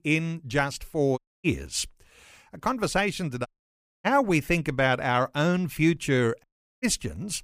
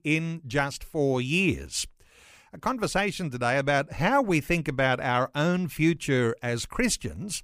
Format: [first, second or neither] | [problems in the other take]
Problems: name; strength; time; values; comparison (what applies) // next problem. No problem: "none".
second | audio cutting out; at 1 s, at 3.5 s for 0.5 s and at 6.5 s